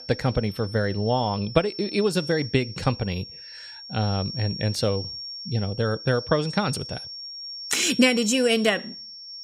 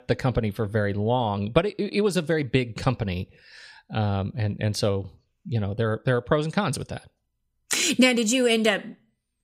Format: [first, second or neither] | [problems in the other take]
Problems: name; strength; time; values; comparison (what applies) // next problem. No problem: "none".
second | high-pitched whine; noticeable; throughout; 5.5 kHz, 10 dB below the speech